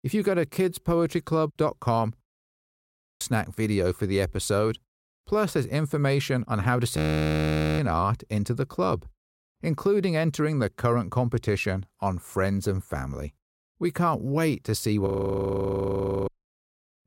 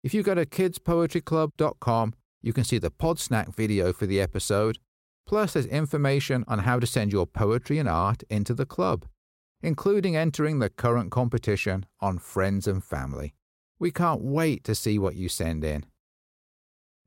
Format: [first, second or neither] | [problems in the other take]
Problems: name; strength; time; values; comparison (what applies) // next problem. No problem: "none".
second | audio freezing; at 2.5 s for 1 s, at 7 s for 1 s and at 15 s for 1 s